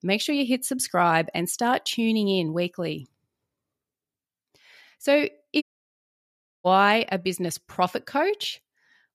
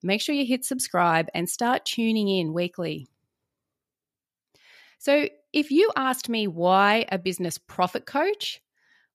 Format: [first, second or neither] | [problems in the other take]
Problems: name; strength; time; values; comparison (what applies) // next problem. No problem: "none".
second | audio cutting out; at 5.5 s for 1 s